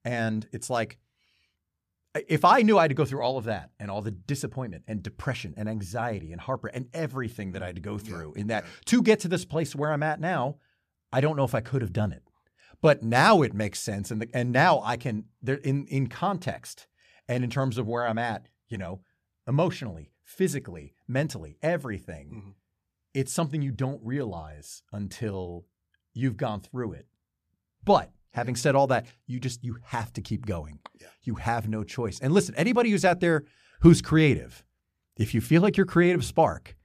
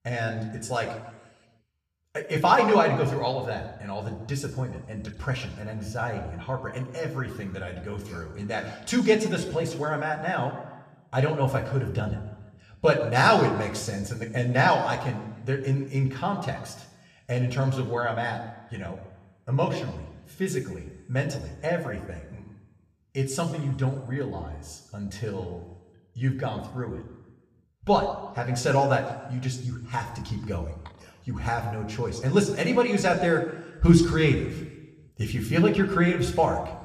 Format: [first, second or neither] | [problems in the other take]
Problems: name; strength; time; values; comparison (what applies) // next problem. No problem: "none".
first | room echo; slight; dies away in 1 s